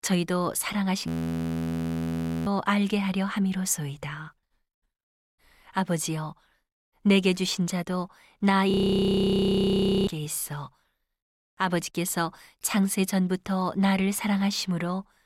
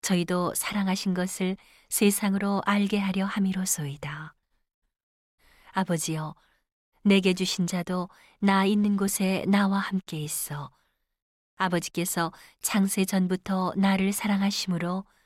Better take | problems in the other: second | audio freezing; at 1 s for 1.5 s and at 8.5 s for 1.5 s

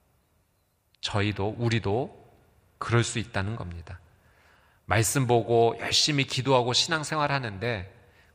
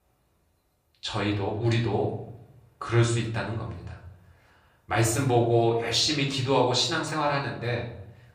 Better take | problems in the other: first | off-mic speech; far // room echo; slight; dies away in 0.6 s

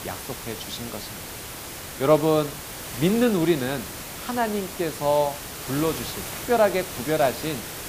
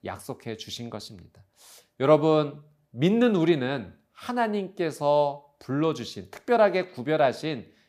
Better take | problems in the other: second | hiss; loud; throughout; 9 dB below the speech

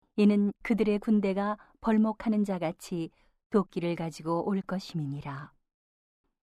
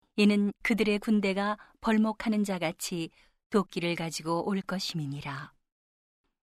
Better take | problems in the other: second | muffled; slightly; fading above 1.5 kHz

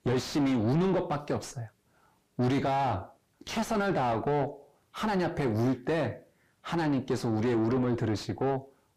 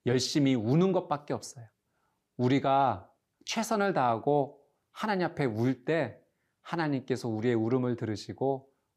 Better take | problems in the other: second | distortion; heavy; 6 dB below the speech

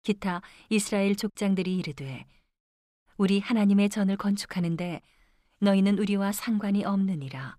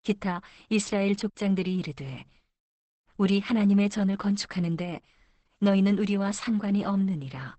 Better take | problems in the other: first | garbled, watery; badly; nothing above 8 kHz

